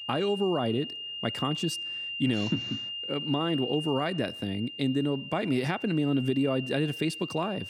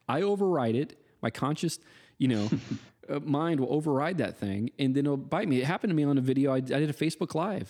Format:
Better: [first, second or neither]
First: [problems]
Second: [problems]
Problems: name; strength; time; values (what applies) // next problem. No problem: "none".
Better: second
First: high-pitched whine; loud; throughout; 3 kHz, 6 dB below the speech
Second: none